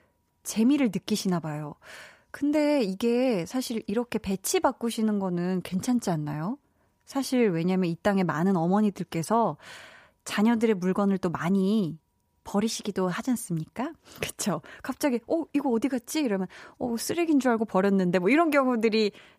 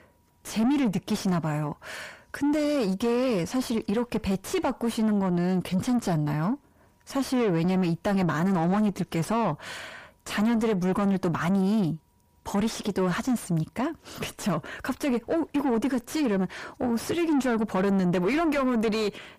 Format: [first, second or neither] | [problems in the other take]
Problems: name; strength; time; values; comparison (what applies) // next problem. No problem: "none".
first | distortion; heavy; 7 dB below the speech